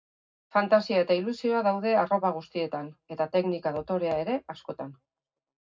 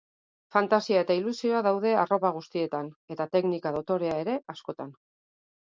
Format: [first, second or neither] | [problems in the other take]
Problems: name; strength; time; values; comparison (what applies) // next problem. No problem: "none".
second | room echo; dies away in 0.3 s